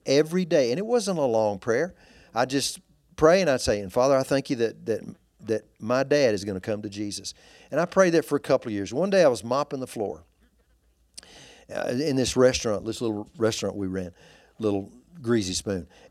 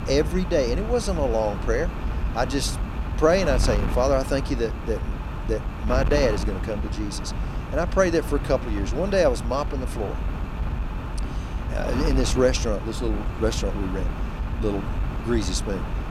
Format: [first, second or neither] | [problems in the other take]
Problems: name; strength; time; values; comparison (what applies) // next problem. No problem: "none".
first | wind noise on the microphone; heavy; 10 dB below the speech